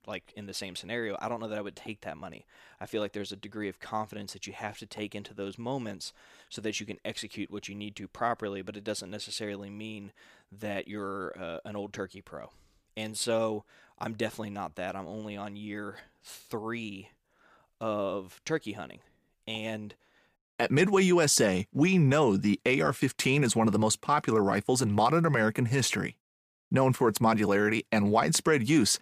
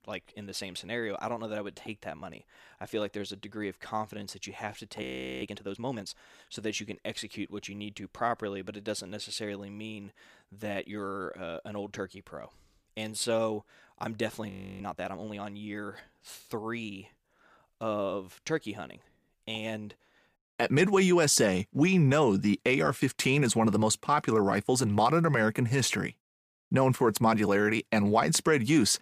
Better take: first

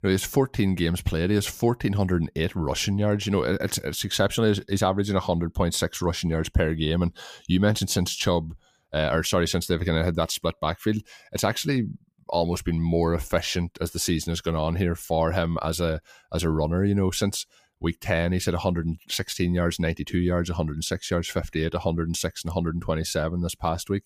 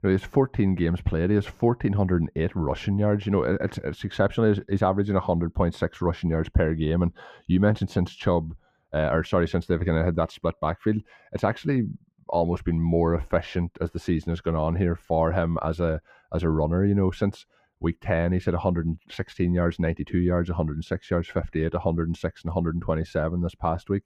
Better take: first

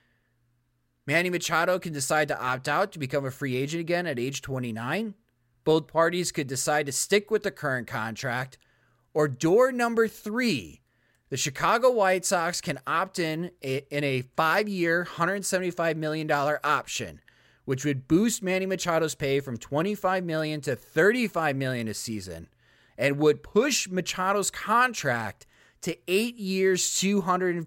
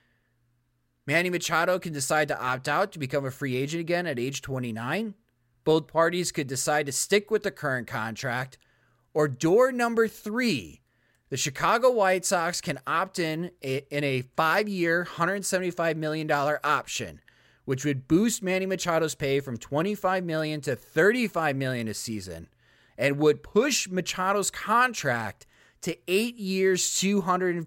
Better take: neither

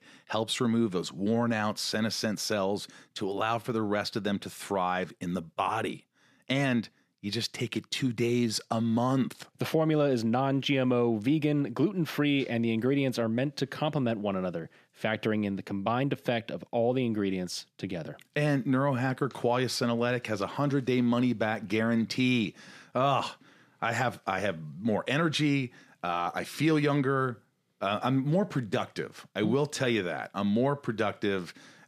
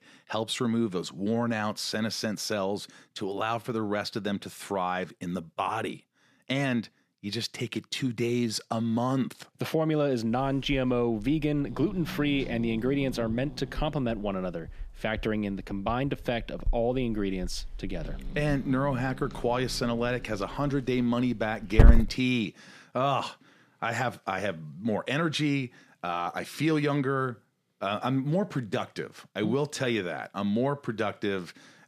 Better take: first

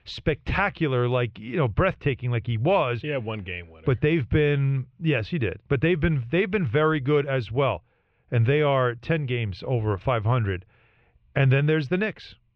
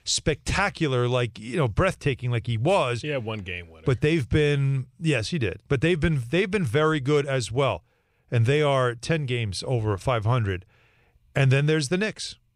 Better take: second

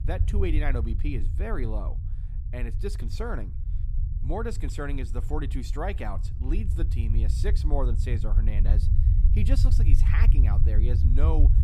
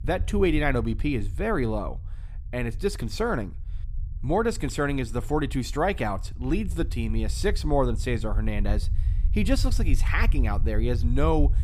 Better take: second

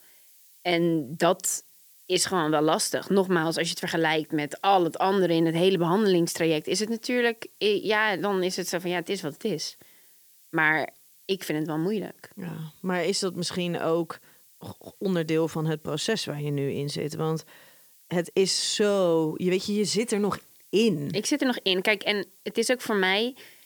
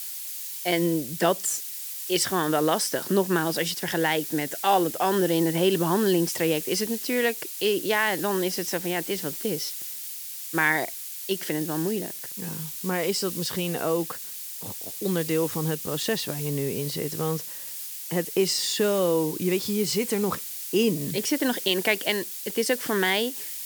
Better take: first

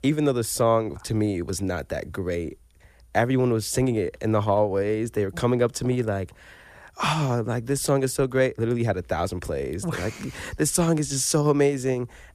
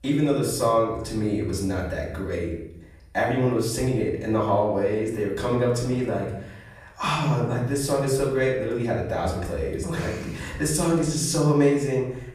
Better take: first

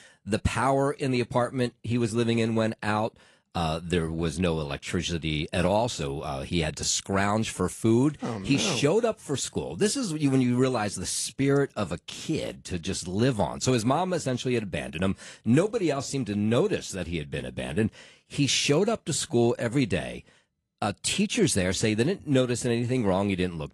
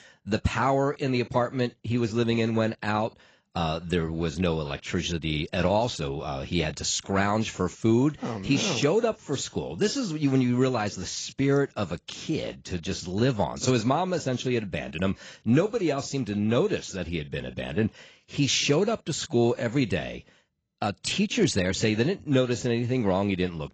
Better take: first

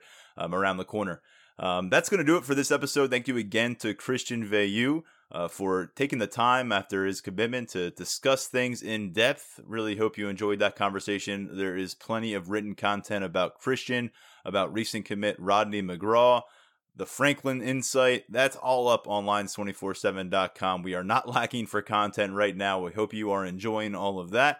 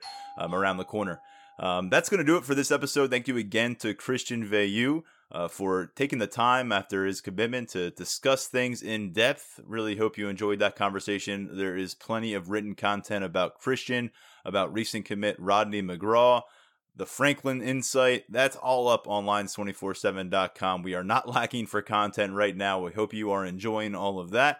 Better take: first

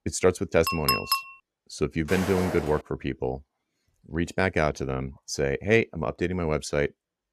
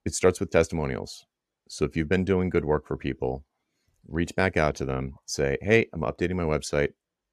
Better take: second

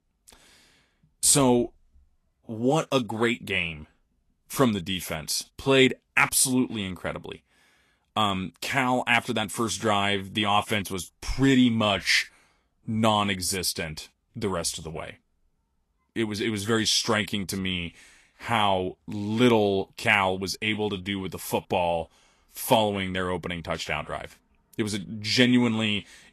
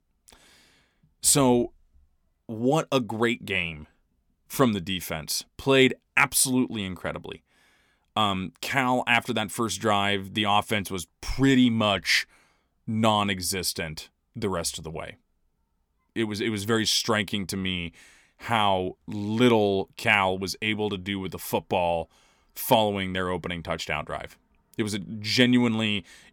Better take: second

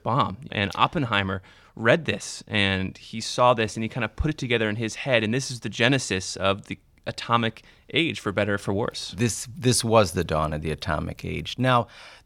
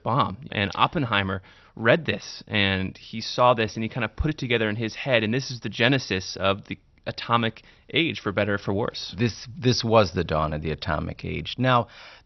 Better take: first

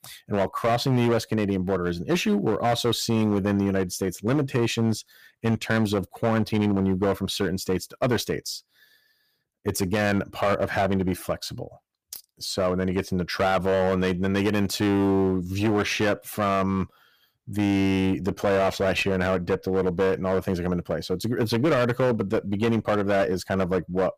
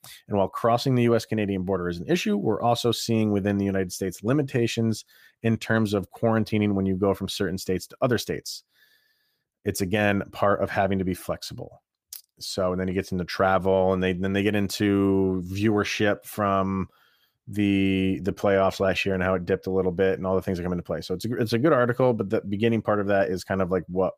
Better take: second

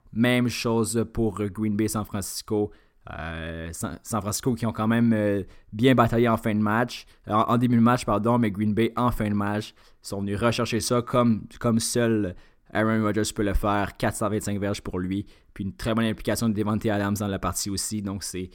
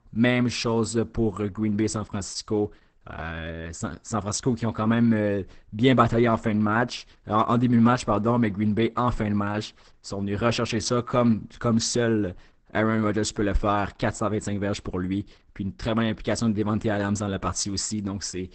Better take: first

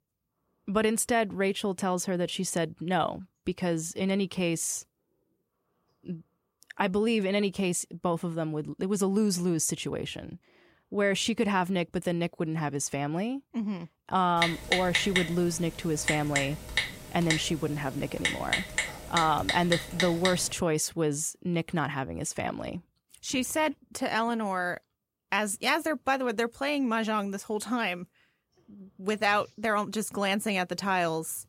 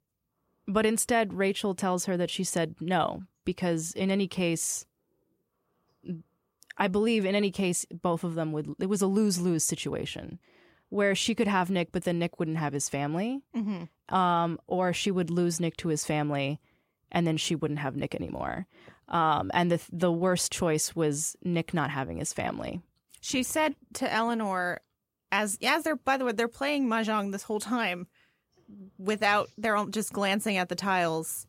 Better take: second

